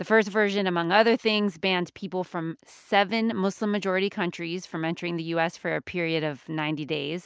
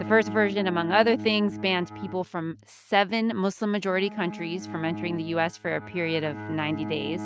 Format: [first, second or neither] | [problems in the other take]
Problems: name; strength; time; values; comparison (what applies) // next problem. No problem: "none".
first | noise reduction (neural mask model RNNoise)